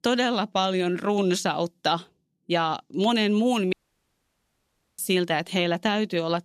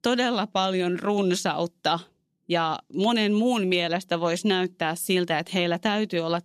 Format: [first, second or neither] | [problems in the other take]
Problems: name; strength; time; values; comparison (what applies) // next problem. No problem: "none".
second | audio cutting out; at 3.5 s for 1.5 s